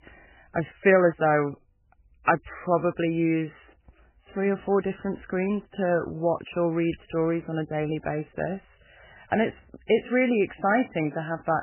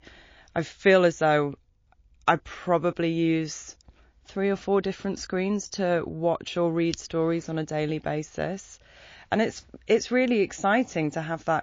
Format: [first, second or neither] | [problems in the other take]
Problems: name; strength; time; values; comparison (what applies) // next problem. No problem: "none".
second | garbled, watery; badly; nothing above 3 kHz; slightly in the second